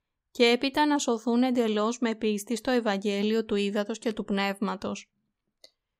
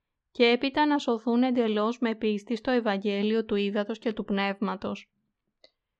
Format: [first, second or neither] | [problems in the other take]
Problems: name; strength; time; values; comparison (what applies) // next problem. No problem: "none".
first | muffled; very slightly; fading above 4 kHz